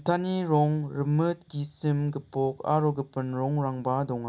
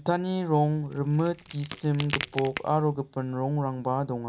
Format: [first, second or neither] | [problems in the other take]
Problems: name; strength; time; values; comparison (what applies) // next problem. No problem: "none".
first | background sound (Crack); 11 dB below the speech